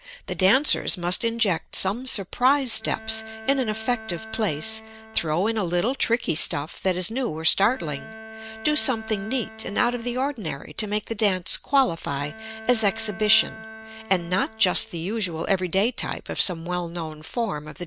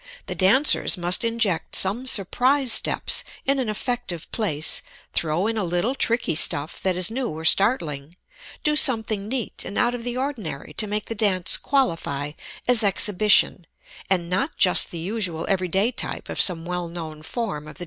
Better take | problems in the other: second | background sound (Bowed string instrument); 16 dB below the speech

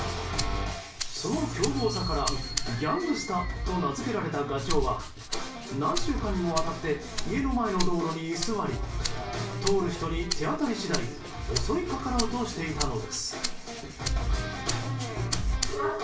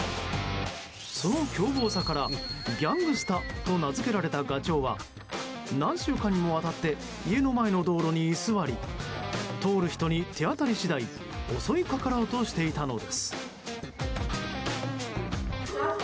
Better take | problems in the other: second | background sound (Rattle (instrument)); 5 dB below the speech // room echo; dies away in 0.3 s

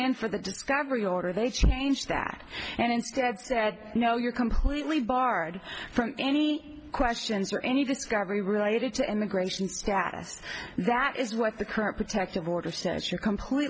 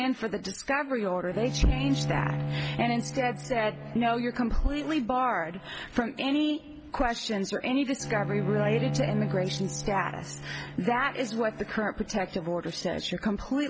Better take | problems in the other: first | background sound (Bowed string instrument); 8 dB below the speech

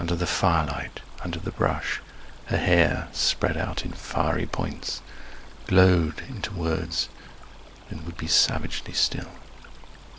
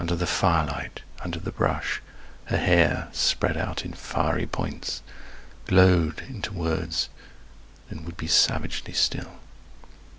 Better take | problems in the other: second | background sound (Stream); 19 dB below the speech

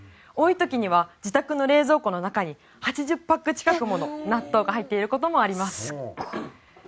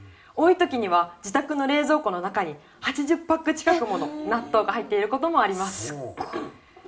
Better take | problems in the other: first | room echo; dies away in 0.5 s

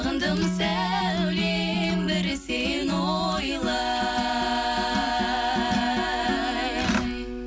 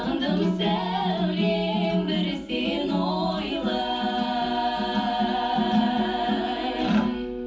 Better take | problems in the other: first | room echo; dies away in 0.7 s

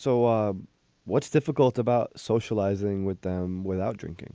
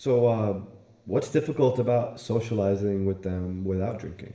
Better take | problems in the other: first | room echo; dies away in 1 s

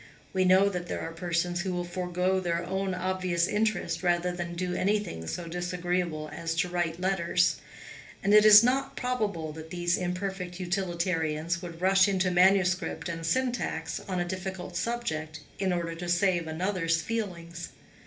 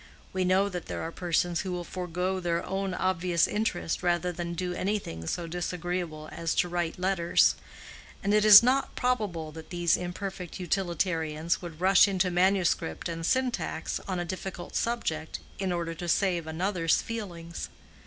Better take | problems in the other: second | room echo; dies away in 0.3 s

